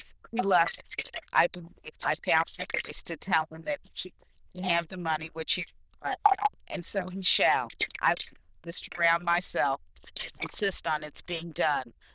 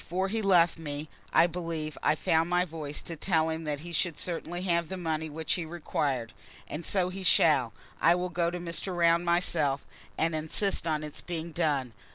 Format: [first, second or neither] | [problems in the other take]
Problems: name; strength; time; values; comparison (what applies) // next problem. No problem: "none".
second | noise reduction (neural diffusion model UNIVERSE++)